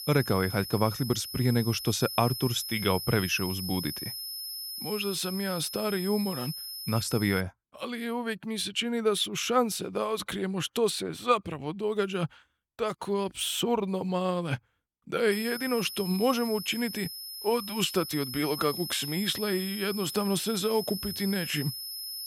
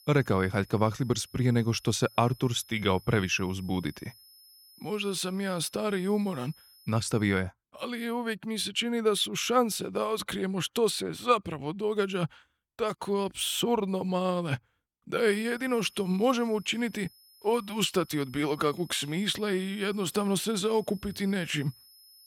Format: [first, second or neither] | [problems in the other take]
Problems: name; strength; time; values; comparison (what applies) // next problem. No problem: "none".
second | high-pitched whine; loud; until 7.5 s and from 15 s on; 5 kHz, 7 dB below the speech; faint in the second